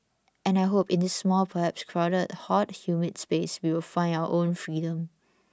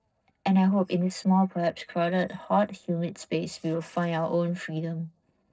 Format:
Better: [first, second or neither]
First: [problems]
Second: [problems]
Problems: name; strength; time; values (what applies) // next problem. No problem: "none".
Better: first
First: none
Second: noise reduction (neural separator model SepFormer DNS4)